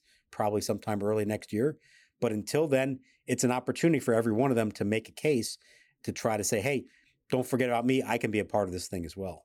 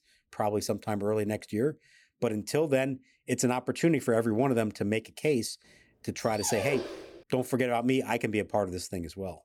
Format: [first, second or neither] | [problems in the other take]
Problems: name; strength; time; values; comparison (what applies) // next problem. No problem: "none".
first | dog barking; noticeable; at 6 s; peak 4 dB below the speech